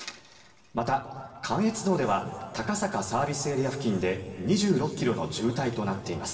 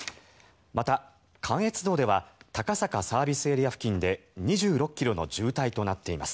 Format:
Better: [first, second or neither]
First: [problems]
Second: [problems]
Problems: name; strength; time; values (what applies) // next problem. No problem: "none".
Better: second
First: room echo; dies away in 2.6 s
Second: none